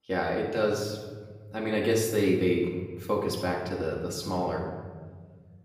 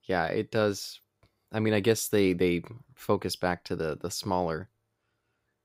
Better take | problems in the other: second | off-mic speech; far // room echo; noticeable; dies away in 1.5 s

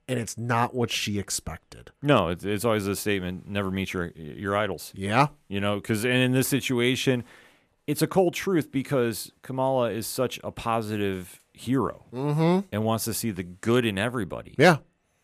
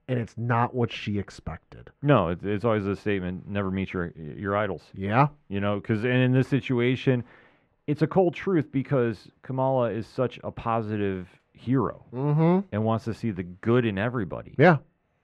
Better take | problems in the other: first | muffled; very; fading above 2 kHz

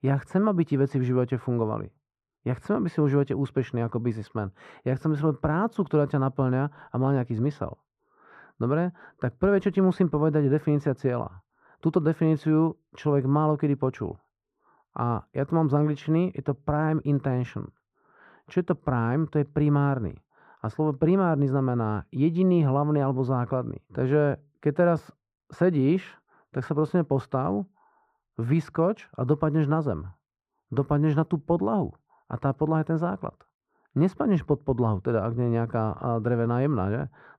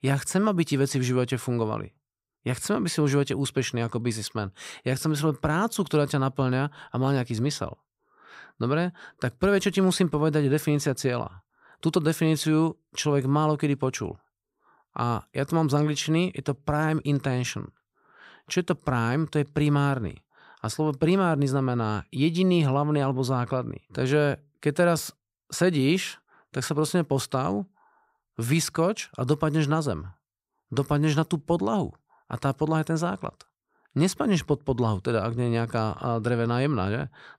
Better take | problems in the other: second | muffled; very; fading above 3 kHz

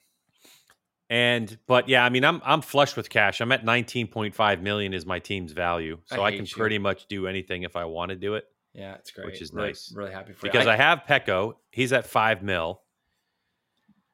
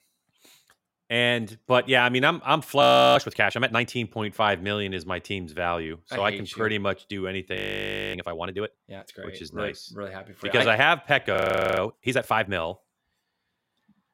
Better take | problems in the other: first | audio freezing; at 3 s, at 7.5 s for 0.5 s and at 11 s

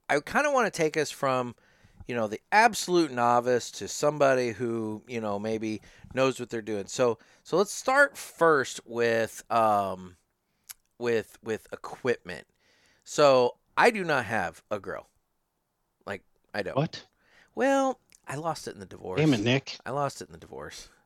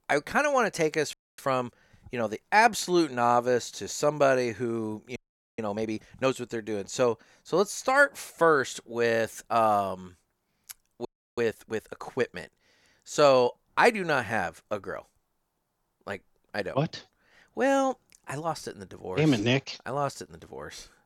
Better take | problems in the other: first | audio freezing; at 1 s, at 5 s and at 11 s

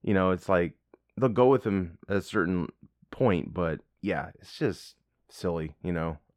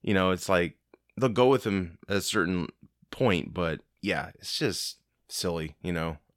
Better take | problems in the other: second | muffled; slightly; fading above 2.5 kHz

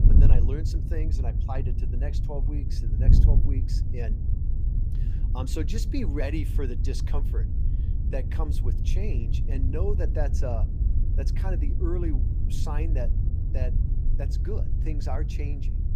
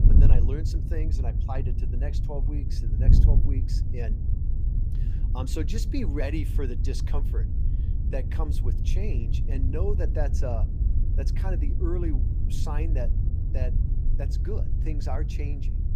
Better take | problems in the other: neither | wind noise on the microphone; heavy; 5 dB below the speech; the same in both

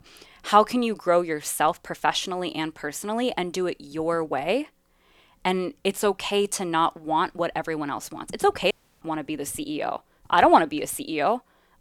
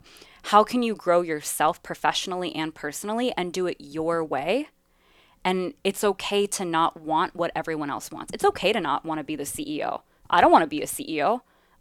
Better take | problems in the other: second | audio cutting out; at 8.5 s

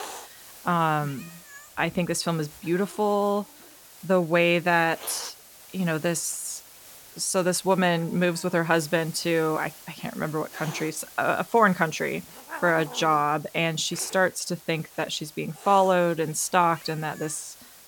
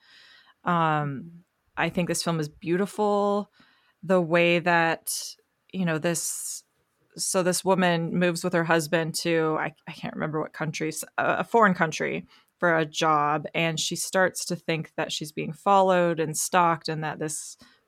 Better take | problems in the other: second | hiss; noticeable; throughout; 20 dB below the speech

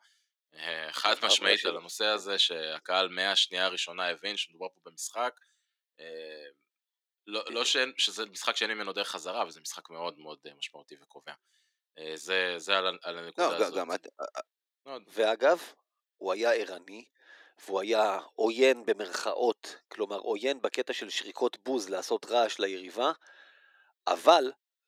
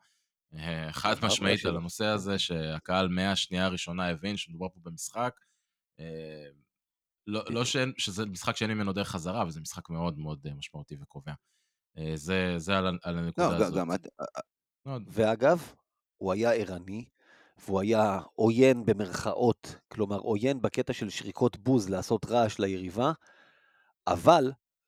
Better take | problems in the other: second | thin; somewhat; fading below 350 Hz

